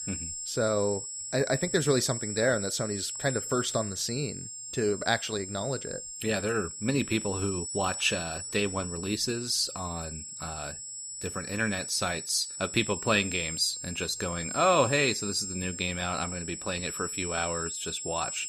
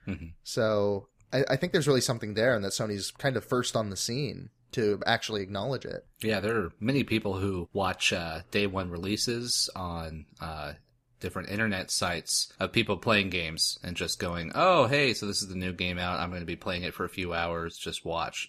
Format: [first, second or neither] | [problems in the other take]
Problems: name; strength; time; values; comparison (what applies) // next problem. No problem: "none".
second | high-pitched whine; loud; throughout; 7.5 kHz, 6 dB below the speech